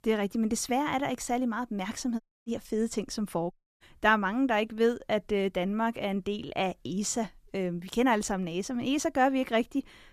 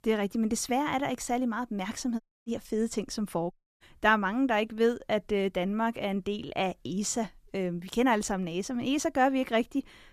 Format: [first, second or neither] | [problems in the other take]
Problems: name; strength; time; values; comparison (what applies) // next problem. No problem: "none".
neither | audio cutting out; at 2 s and at 3.5 s; the same in both